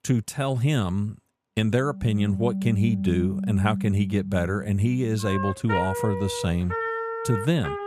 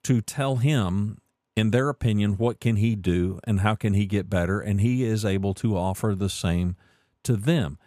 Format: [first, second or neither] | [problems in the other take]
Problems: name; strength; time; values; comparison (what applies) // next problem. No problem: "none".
second | background music; loud; from 2.5 s on; 5 dB below the speech